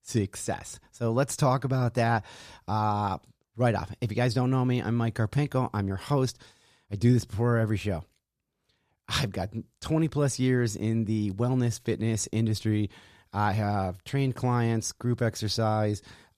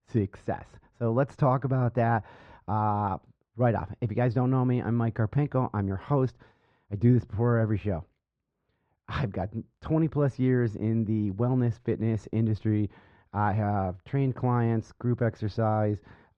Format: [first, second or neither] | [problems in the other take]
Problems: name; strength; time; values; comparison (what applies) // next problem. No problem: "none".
first | muffled; very; fading above 1.5 kHz